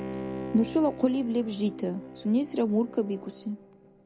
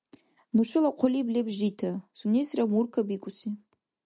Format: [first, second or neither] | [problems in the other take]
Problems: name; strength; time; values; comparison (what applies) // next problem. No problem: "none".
second | background sound (Bowed string instrument); 12 dB below the speech